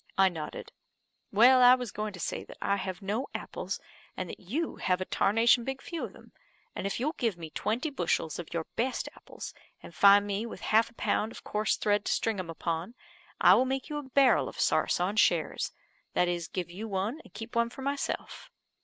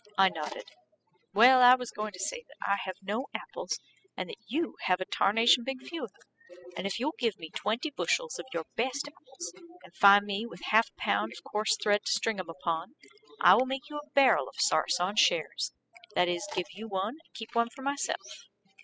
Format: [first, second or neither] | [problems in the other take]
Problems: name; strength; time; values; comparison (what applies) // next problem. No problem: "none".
first | noise reduction (classical method spectral subtraction)